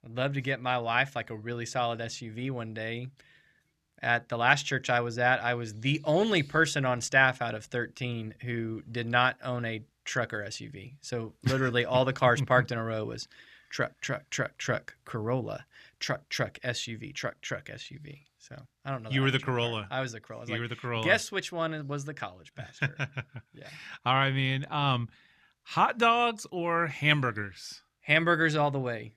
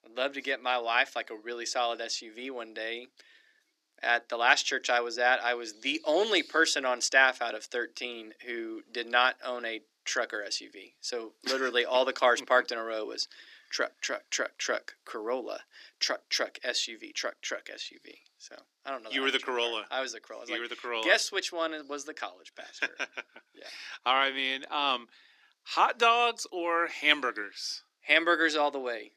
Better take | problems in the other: first | thin; somewhat; fading below 300 Hz

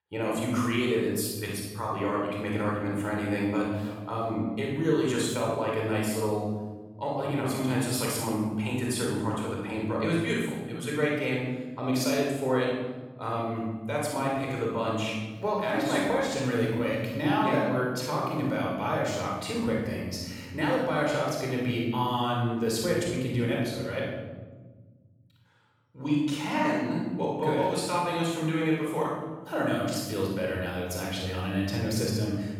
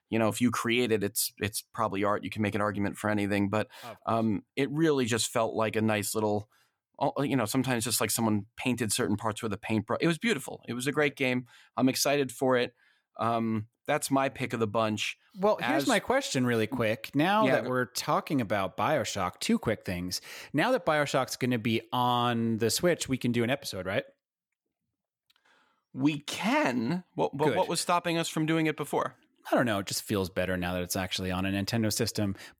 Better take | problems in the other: second | off-mic speech; far // room echo; strong; dies away in 1.5 s

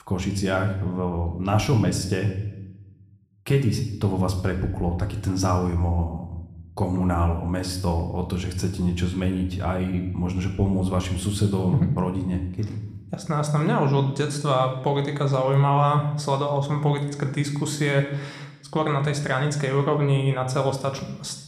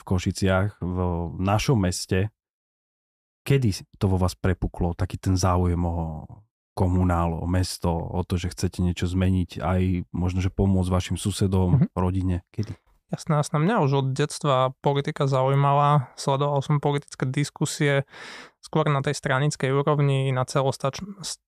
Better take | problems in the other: second | room echo; slight; dies away in 0.8 s

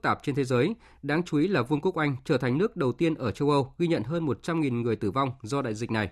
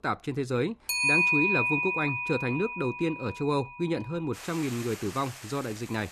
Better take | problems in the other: first | household noises; very loud; throughout; 5 dB above the speech

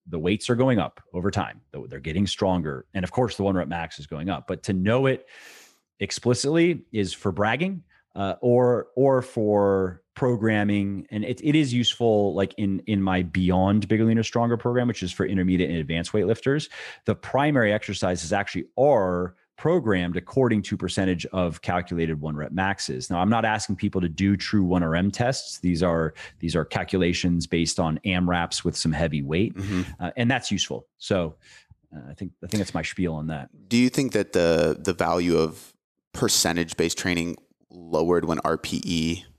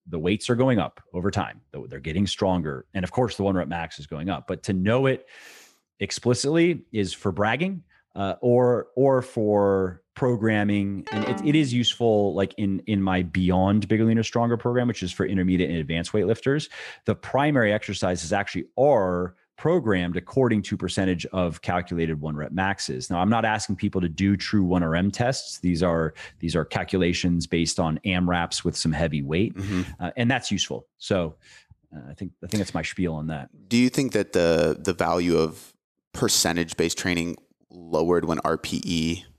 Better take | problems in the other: first | phone ringing; noticeable; at 11 s; peak 6 dB below the speech

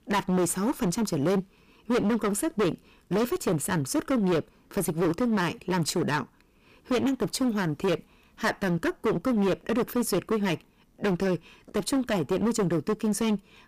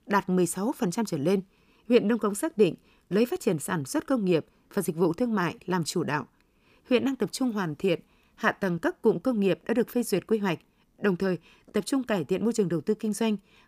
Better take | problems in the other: second | distortion; heavy; 18% of the sound clipped

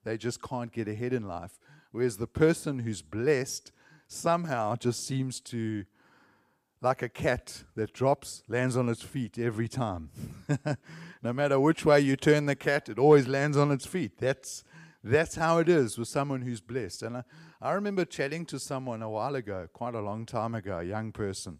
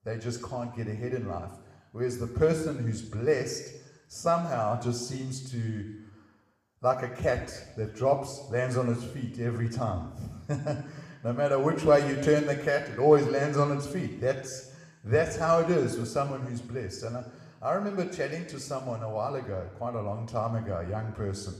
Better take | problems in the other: first | room echo; slight; dies away in 1 s

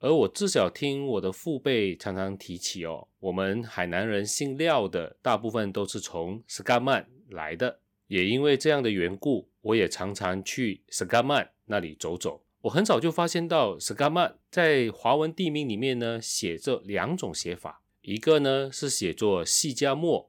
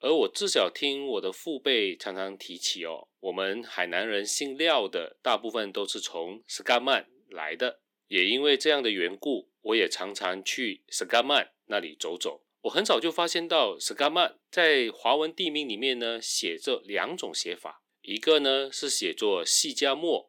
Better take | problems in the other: first | thin; very slightly; fading below 300 Hz

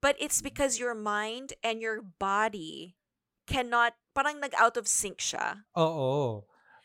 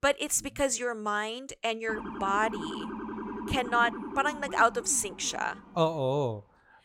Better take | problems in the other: first | siren; noticeable; from 2 to 6 s; peak 8 dB below the speech

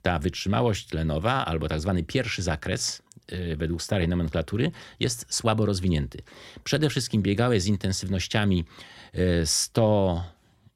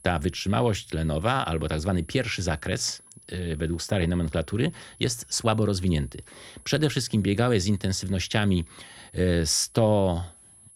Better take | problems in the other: first | high-pitched whine; faint; throughout; 10.5 kHz, 25 dB below the speech

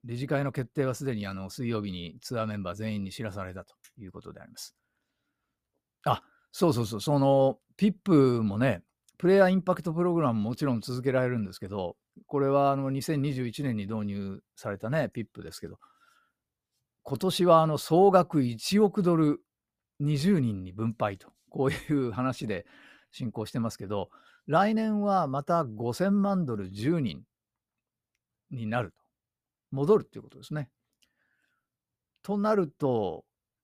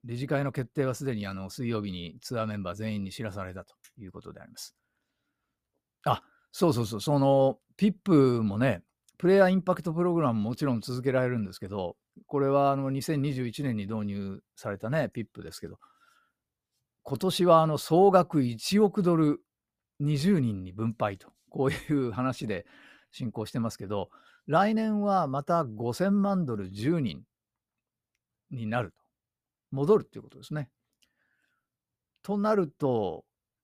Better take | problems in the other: neither | none

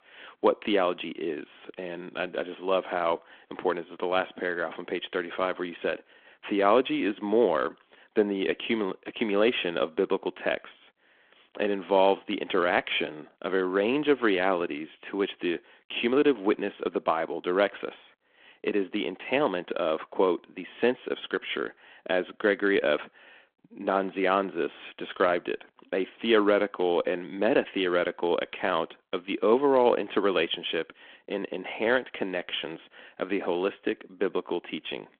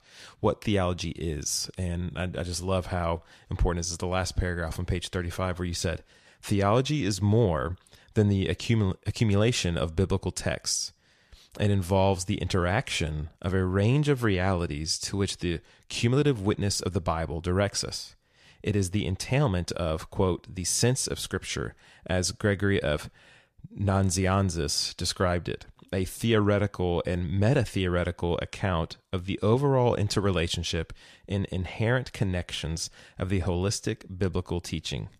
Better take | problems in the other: second | phone-call audio

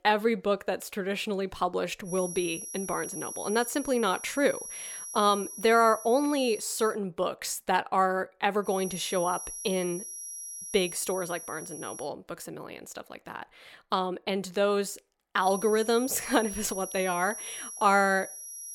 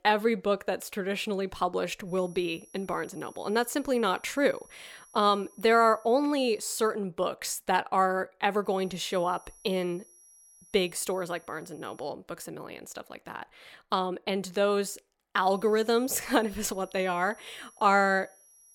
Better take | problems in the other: second | high-pitched whine; loud; from 2 to 7 s, from 8.5 to 12 s and from 15 s on; 11 kHz, 10 dB below the speech; faint in the second

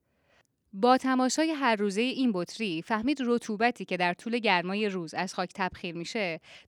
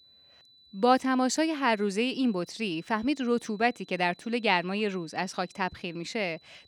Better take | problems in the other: first | high-pitched whine; faint; throughout; 4 kHz, 30 dB below the speech

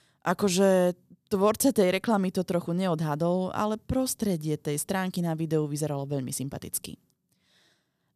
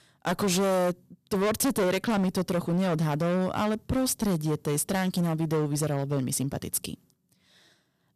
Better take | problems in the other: first | distortion; heavy; 16% of the sound clipped

